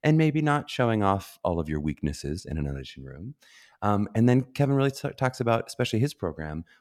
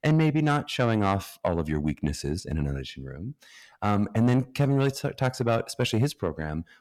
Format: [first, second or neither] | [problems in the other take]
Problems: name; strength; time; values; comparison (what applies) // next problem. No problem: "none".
first | distortion; slight; 10 dB below the speech